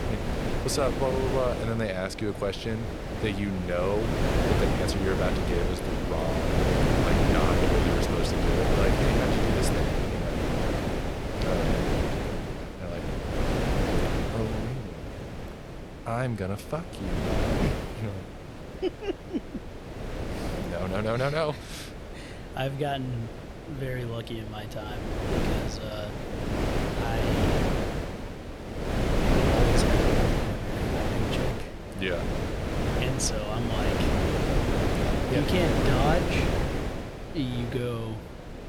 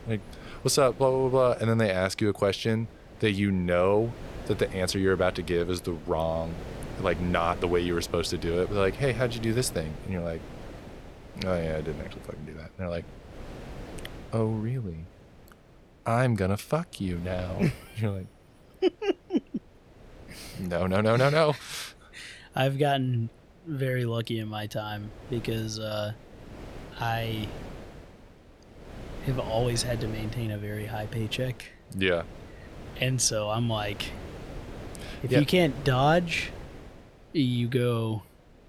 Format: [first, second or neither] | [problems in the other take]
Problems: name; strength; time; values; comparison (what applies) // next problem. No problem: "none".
second | wind noise on the microphone; heavy; 2 dB above the speech; occasional gusts in the second